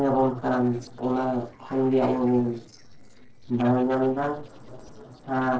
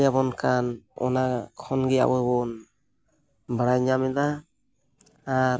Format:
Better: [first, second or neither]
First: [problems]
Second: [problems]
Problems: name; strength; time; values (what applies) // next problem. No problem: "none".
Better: second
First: noise reduction (neural separator model SepFormer DNS4)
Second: none